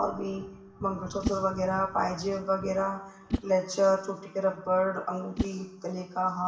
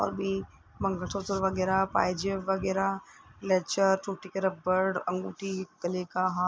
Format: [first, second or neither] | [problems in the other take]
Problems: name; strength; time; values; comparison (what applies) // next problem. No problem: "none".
second | background sound (Whoosh, swoosh, swish); 11 dB below the speech // room echo; dies away in 0.8 s